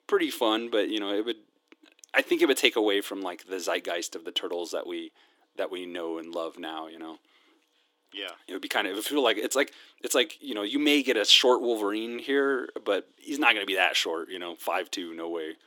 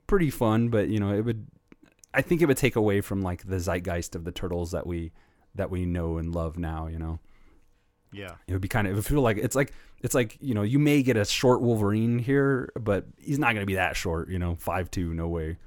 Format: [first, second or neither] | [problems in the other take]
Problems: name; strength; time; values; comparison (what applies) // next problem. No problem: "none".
second | thin; somewhat; fading below 300 Hz